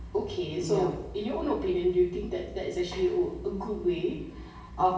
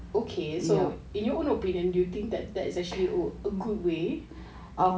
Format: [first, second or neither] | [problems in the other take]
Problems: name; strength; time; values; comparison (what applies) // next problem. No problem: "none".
second | room echo; dies away in 0.8 s